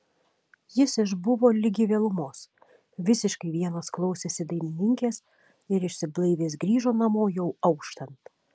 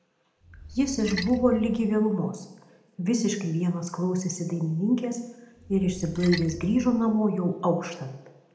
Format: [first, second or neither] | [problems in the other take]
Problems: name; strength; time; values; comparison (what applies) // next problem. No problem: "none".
first | background sound (Splash, splatter); 14 dB below the speech // room echo; dies away in 0.8 s